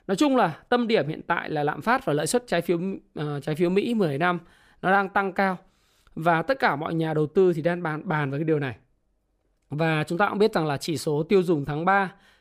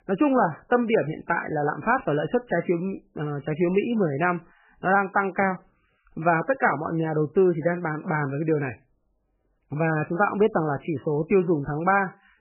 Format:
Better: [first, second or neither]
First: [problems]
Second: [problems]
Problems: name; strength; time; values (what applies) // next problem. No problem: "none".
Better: first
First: none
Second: garbled, watery; badly; nothing above 3 kHz